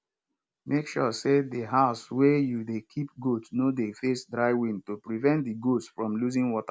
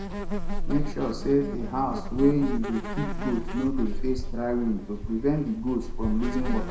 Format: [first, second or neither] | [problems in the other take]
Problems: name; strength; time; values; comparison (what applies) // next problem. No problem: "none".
first | background sound (Insect); 1 dB below the speech // room echo; dies away in 0.6 s